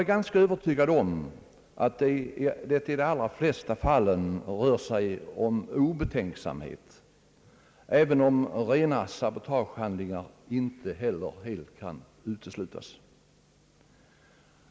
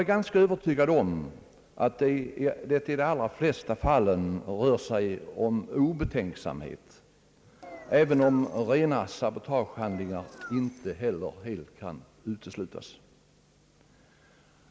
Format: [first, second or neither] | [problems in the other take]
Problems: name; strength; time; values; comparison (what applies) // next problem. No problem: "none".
first | background sound (Engine); 18 dB below the speech